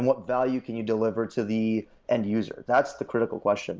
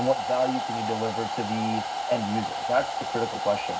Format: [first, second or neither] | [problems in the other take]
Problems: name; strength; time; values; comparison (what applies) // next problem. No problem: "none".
first | background sound (Domestic sounds, home sounds); 2 dB below the speech // room echo; dies away in 0.4 s